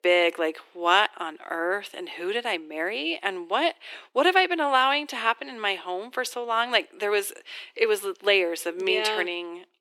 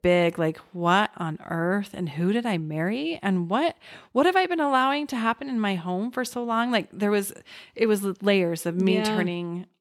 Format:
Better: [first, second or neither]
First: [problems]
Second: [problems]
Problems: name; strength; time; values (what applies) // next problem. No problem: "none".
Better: second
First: thin; very; fading below 350 Hz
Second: none